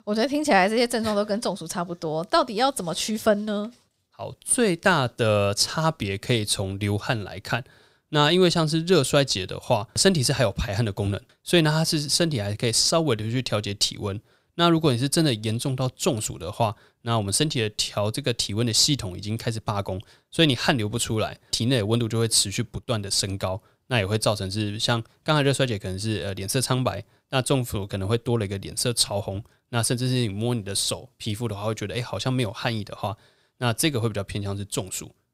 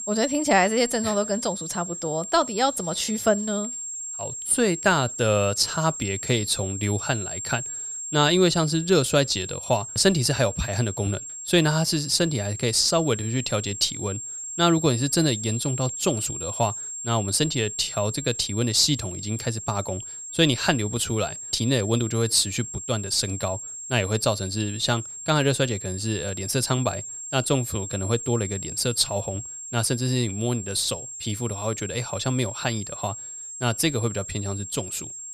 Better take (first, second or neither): first